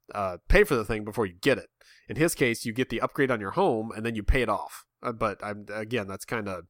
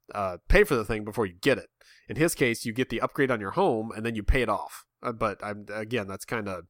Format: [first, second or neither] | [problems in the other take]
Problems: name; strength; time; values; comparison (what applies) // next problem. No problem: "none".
neither | none